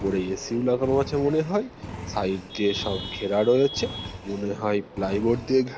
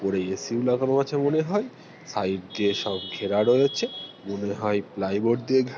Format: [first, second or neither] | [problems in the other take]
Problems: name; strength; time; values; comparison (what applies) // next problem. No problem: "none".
second | background sound (Engine); 14 dB below the speech